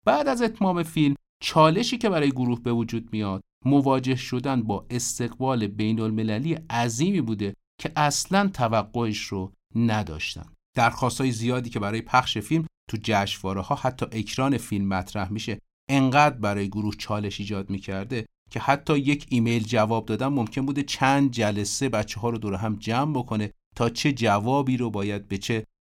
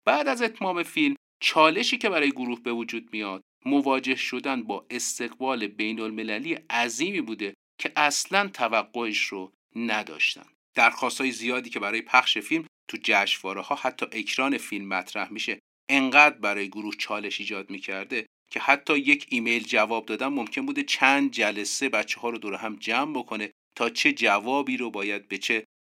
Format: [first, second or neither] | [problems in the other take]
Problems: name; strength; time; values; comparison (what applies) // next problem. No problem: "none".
first | thin; very slightly; fading below 300 Hz